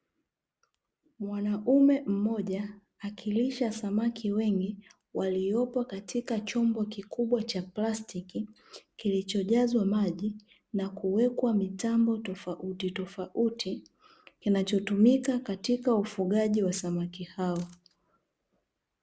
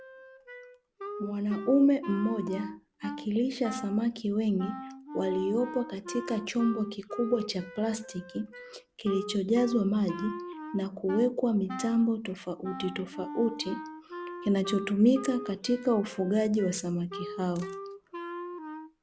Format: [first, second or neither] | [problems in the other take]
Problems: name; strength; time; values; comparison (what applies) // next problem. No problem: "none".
first | background sound (Wind instrument, woodwind instrument); 12 dB below the speech